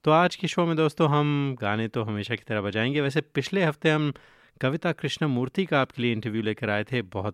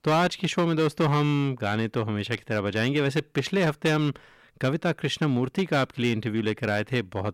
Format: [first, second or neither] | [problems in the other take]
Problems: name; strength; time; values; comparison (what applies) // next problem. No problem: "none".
first | distortion; slight; 7% of the sound clipped